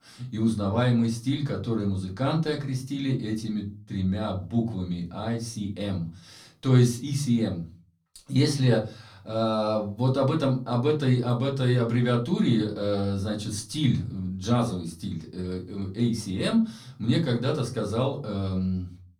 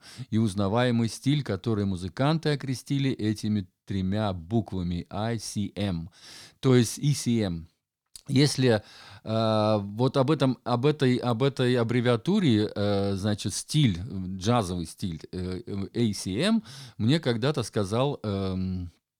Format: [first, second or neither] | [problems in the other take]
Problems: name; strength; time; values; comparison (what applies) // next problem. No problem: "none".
second | off-mic speech; far // room echo; very slight; dies away in 0.3 s